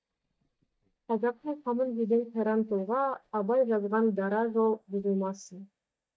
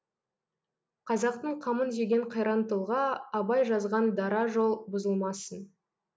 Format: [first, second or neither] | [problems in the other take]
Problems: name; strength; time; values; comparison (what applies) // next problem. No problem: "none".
second | noise reduction (neural mask model DeepFilterNet 3)